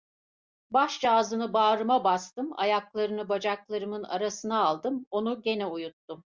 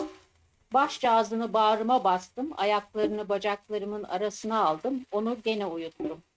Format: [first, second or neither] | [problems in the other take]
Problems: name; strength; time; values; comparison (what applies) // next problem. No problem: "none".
first | noise reduction (neural mask model RNNoise)